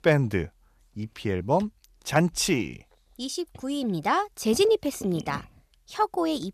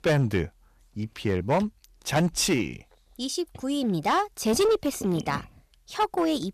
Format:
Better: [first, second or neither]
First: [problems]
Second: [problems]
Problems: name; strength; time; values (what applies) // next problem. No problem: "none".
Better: first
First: none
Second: distortion; slight; 6% of the sound clipped